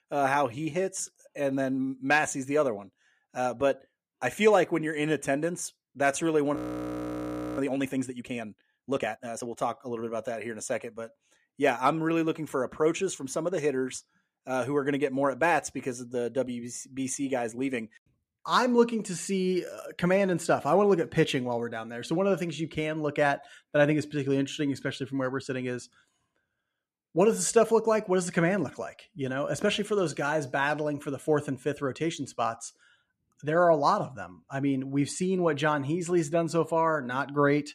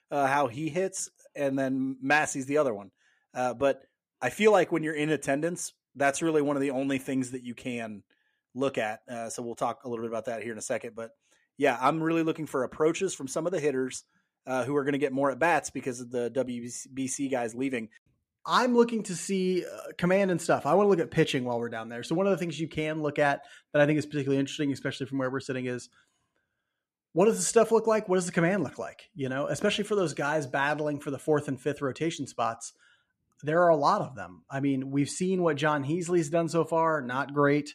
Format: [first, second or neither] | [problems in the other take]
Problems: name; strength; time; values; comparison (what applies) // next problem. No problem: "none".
second | audio freezing; at 6.5 s for 1 s